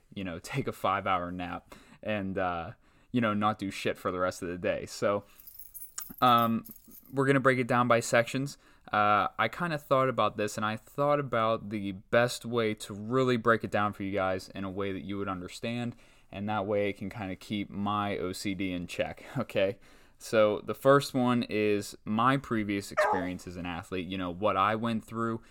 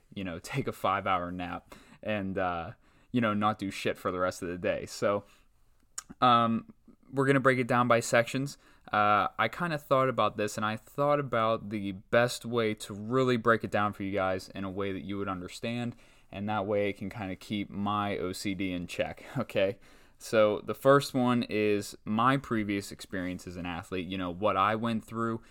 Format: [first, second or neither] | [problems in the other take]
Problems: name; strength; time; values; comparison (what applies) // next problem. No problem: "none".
second | jangling keys; faint; from 5.5 to 7 s; peak 10 dB below the speech // dog barking; loud; at 23 s; peak 1 dB above the speech